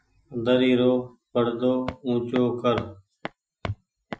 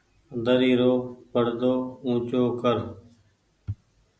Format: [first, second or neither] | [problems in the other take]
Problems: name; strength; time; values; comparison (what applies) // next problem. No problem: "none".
second | noise reduction (classical method Wiener filter)